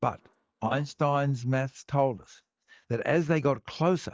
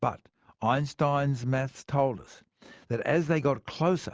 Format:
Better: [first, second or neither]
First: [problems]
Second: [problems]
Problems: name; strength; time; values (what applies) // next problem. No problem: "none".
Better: second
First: noise reduction (neural mask model DeepFilterNet 3)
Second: none